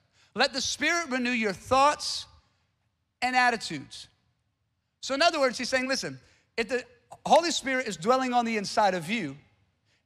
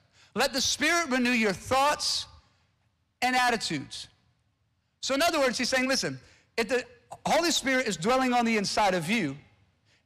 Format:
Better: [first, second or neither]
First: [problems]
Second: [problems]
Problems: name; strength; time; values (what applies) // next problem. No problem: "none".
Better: first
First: none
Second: distortion; heavy; 10% of the sound clipped